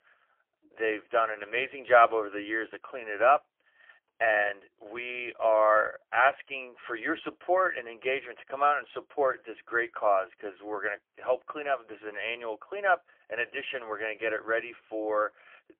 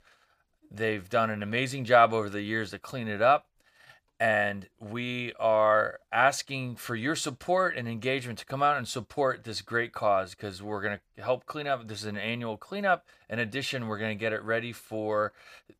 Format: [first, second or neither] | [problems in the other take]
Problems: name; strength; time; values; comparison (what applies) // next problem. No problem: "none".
second | phone-call audio; poor line; nothing above 3 kHz